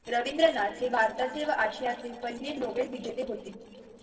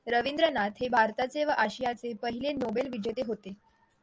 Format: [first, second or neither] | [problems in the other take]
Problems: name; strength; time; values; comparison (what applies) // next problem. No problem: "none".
second | noise reduction (neural separator model SepFormer DNS4)